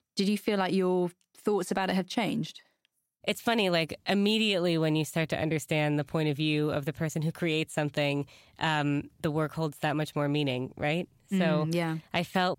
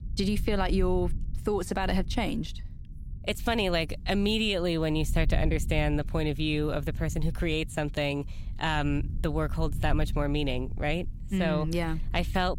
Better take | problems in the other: first | low rumble; faint; throughout; 20 dB below the speech

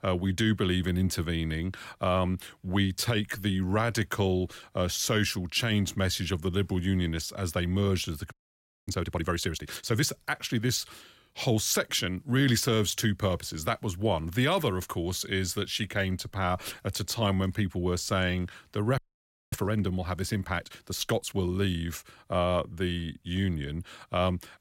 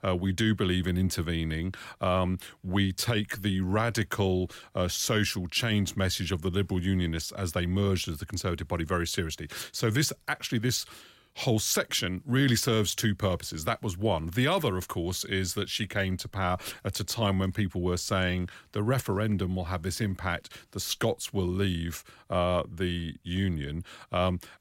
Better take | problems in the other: second | audio freezing; at 8.5 s for 0.5 s and at 19 s for 0.5 s

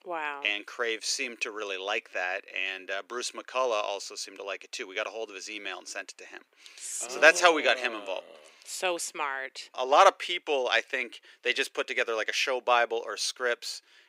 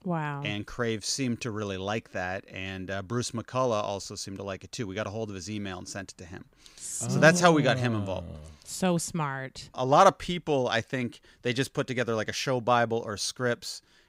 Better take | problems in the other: second | thin; very; fading below 350 Hz

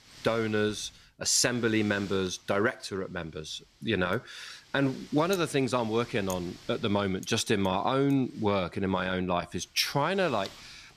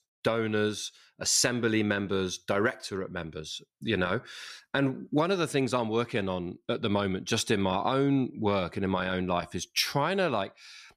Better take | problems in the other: second | wind noise on the microphone; occasional gusts; 20 dB below the speech

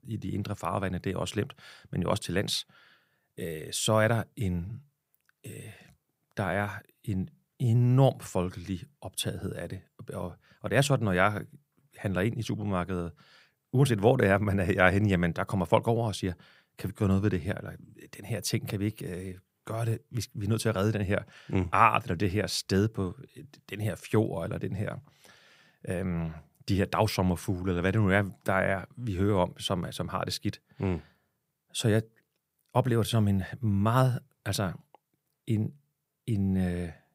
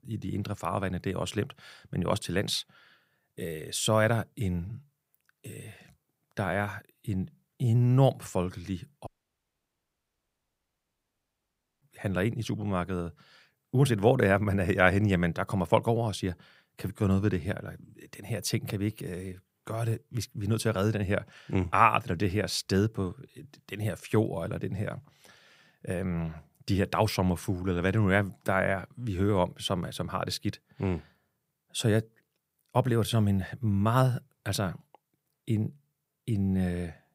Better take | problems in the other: first | audio cutting out; at 9 s for 2.5 s

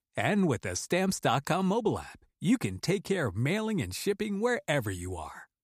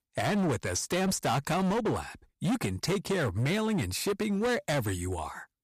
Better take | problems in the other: first | distortion; heavy; 20% of the sound clipped

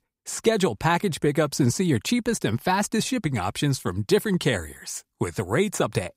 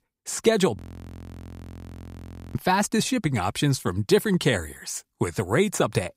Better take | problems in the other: first | audio freezing; at 1 s for 2 s

